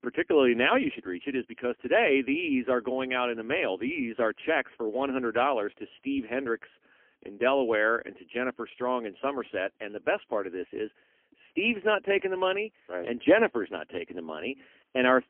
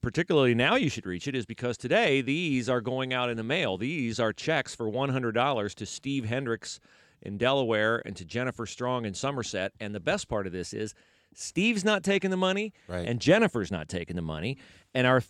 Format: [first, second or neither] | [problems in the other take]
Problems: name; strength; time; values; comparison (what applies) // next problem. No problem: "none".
second | phone-call audio; poor line; nothing above 3 kHz